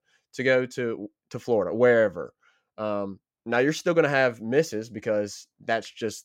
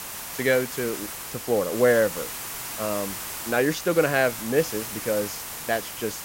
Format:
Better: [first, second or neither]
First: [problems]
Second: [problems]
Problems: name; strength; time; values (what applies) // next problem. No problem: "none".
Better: first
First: none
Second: hiss; loud; throughout; 7 dB below the speech